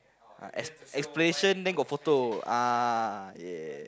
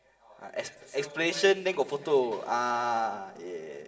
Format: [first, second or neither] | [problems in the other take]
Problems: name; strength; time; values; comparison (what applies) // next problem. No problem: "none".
first | room echo; dies away in 2.8 s